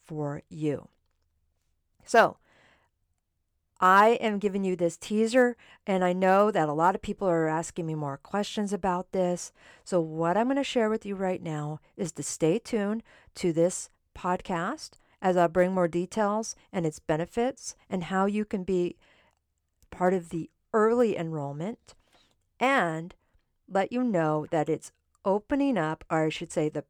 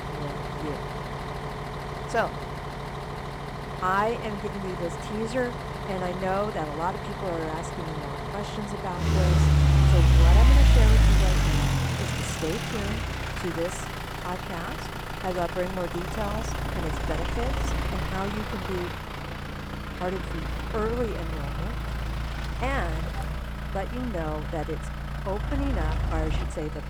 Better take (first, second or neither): first